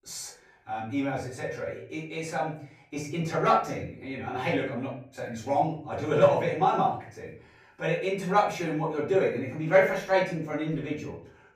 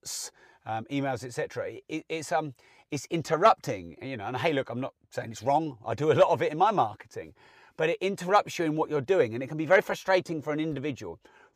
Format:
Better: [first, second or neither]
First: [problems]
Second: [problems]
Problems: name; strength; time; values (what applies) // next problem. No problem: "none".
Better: second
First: room echo; noticeable; dies away in 0.4 s // off-mic speech; far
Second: none